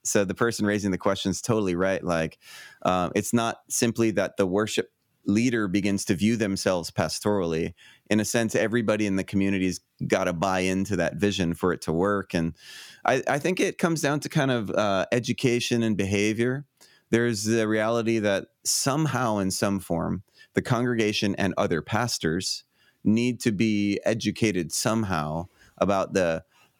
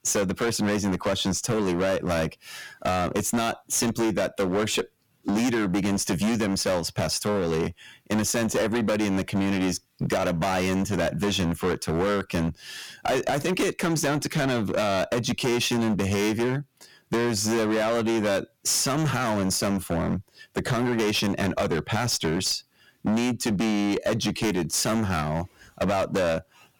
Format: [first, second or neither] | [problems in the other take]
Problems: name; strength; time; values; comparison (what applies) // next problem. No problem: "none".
first | distortion; heavy; 21% of the sound clipped